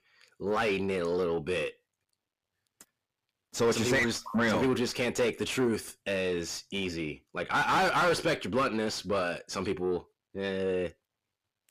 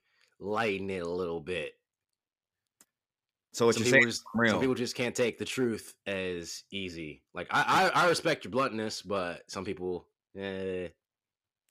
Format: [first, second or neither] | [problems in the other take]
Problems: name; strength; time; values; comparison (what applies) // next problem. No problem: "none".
second | distortion; heavy; 7 dB below the speech